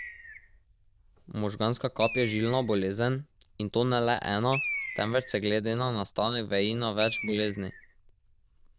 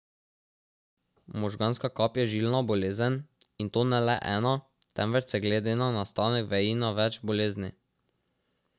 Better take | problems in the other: second | noise reduction (neural diffusion model UNIVERSE++)

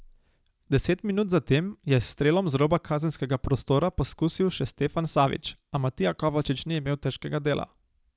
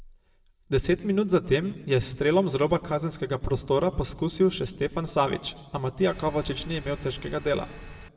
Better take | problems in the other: first | background sound (Engine); 15 dB below the speech // room echo; dies away in 1 s

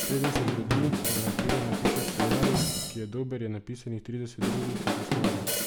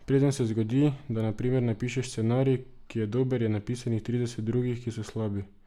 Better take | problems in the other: second | background sound (Drum kit); 4 dB above the speech

